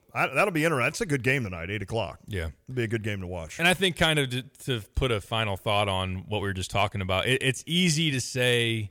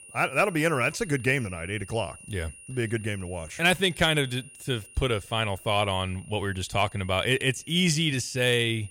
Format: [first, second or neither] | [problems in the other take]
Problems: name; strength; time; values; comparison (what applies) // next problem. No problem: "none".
first | high-pitched whine; noticeable; throughout; 2.5 kHz, 20 dB below the speech